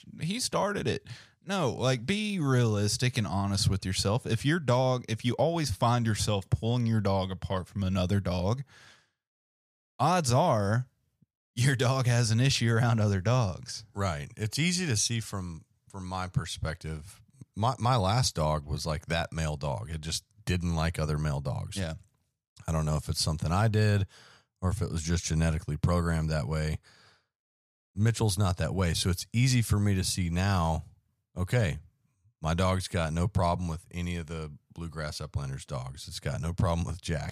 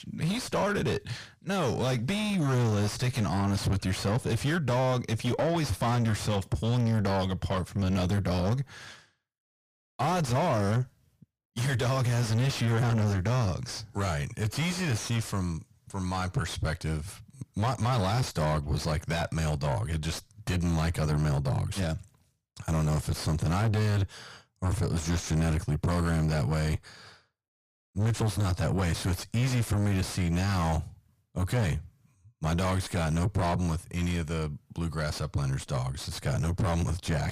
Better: first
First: none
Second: distortion; heavy; 6 dB below the speech

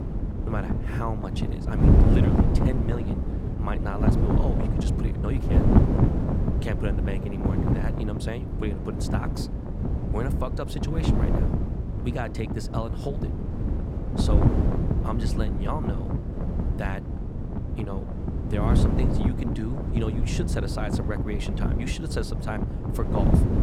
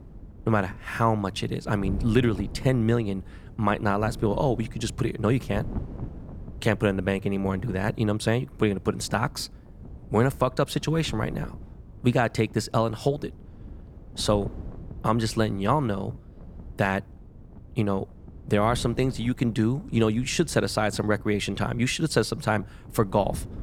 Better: second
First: wind noise on the microphone; heavy; 1 dB above the speech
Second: wind noise on the microphone; occasional gusts; 20 dB below the speech

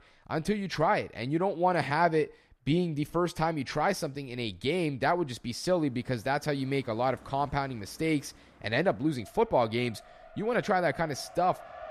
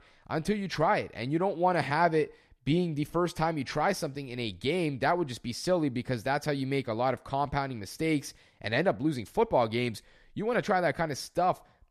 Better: second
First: traffic noise; faint; throughout; 25 dB below the speech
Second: none

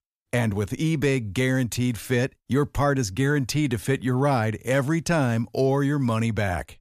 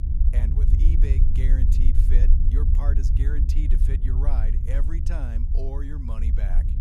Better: first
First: none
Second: low rumble; loud; throughout; 1 dB below the speech

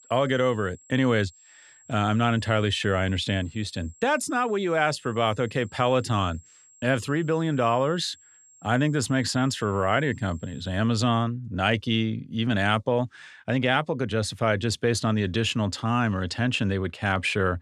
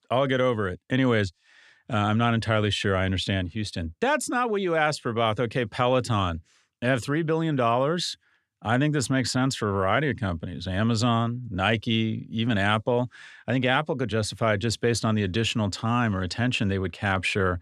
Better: second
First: high-pitched whine; faint; until 11 s; 7.5 kHz, 25 dB below the speech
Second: none

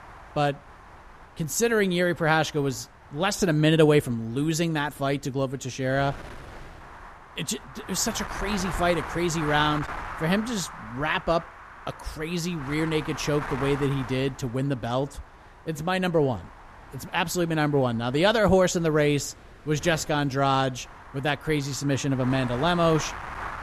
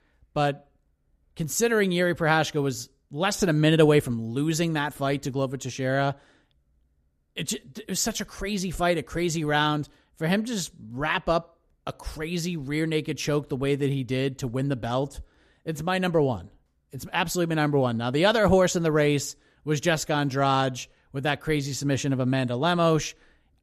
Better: second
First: wind noise on the microphone; occasional gusts; 10 dB below the speech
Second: none

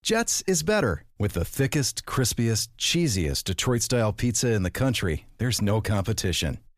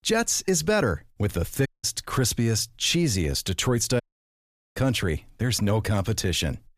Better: first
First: none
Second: audio cutting out; at 1.5 s and at 4 s for 1 s

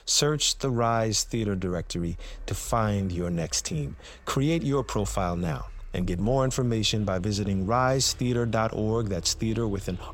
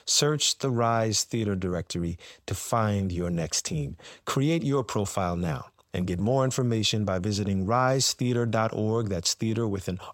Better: second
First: traffic noise; noticeable; throughout; 20 dB below the speech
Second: none

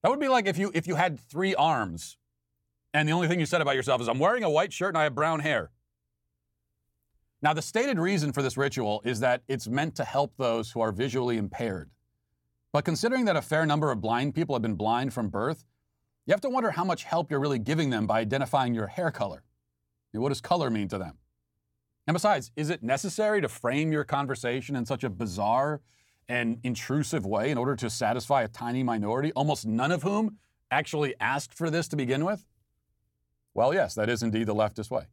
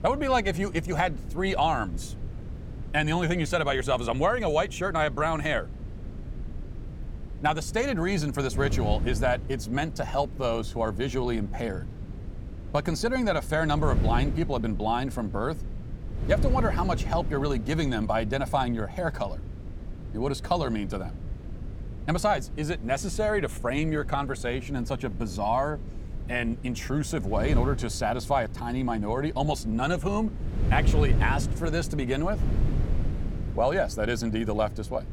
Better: first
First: none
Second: wind noise on the microphone; occasional gusts; 15 dB below the speech

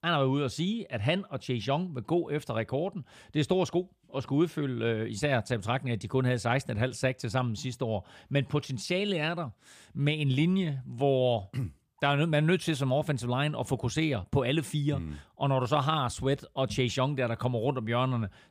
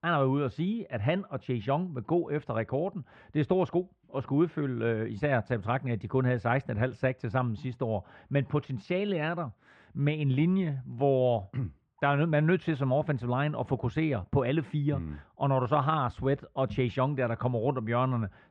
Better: first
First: none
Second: muffled; very; fading above 1.5 kHz

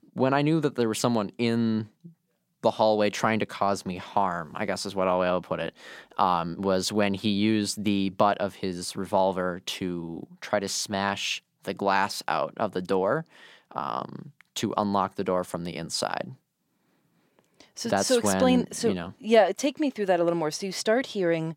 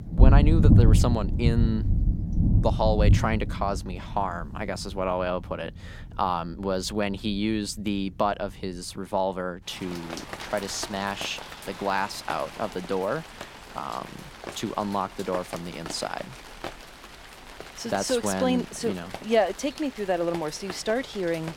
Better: first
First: none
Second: rain or running water; very loud; throughout; 3 dB above the speech

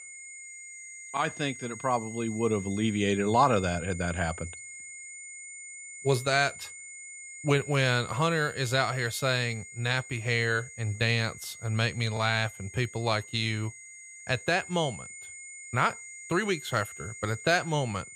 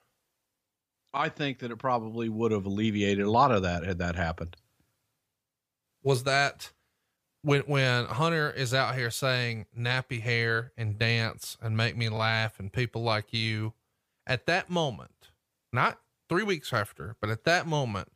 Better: second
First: high-pitched whine; noticeable; throughout; 2 kHz, 15 dB below the speech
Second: none

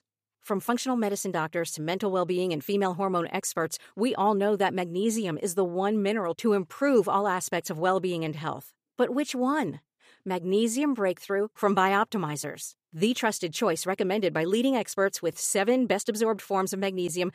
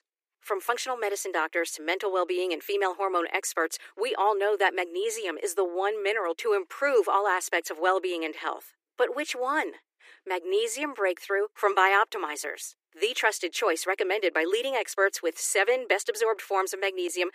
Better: first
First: none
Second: thin; very; fading below 300 Hz

